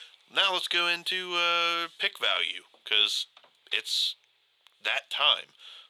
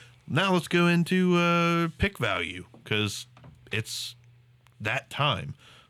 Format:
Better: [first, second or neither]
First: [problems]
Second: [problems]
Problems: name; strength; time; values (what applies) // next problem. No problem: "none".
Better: second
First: thin; very; fading below 500 Hz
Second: none